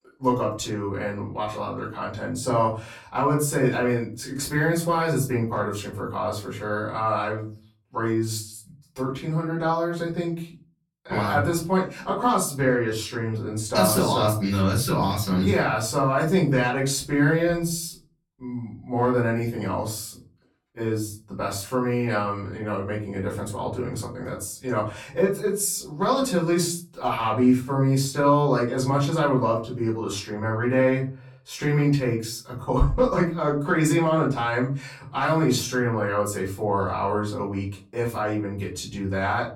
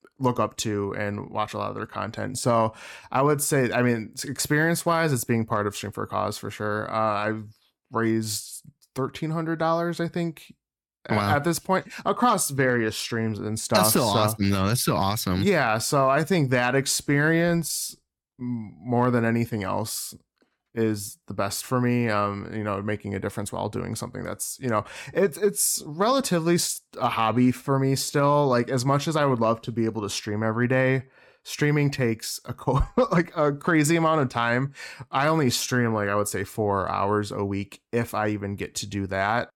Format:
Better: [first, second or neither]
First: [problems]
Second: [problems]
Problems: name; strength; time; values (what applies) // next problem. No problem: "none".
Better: second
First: off-mic speech; far // room echo; slight; dies away in 0.3 s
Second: none